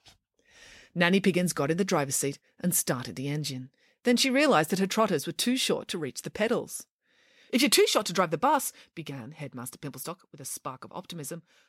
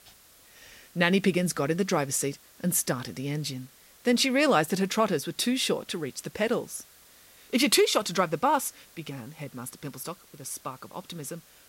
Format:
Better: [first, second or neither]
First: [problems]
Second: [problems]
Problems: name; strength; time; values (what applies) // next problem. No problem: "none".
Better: first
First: none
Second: hiss; faint; throughout; 25 dB below the speech